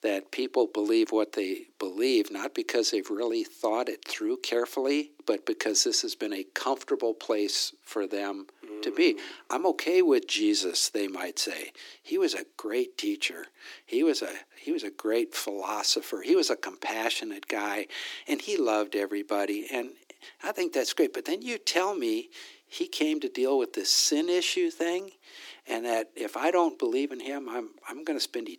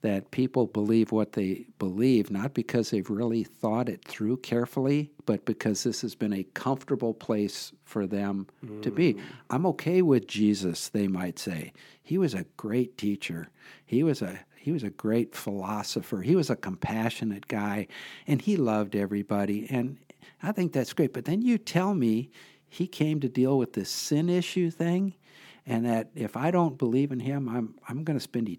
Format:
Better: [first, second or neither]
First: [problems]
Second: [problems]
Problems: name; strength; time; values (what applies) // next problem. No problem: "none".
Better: second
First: thin; somewhat; fading below 300 Hz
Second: none